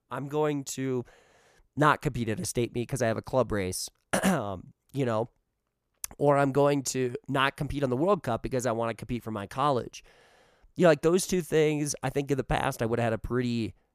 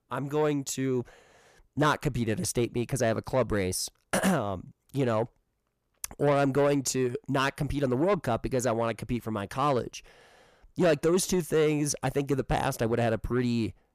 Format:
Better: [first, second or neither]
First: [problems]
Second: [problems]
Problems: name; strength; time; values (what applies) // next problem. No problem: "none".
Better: first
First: none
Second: distortion; slight; 10 dB below the speech